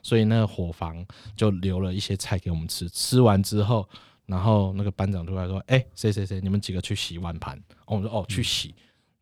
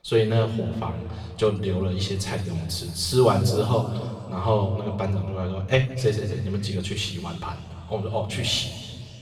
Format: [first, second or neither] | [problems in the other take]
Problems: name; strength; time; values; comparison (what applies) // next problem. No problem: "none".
first | room echo; noticeable; dies away in 2.2 s // off-mic speech; somewhat distant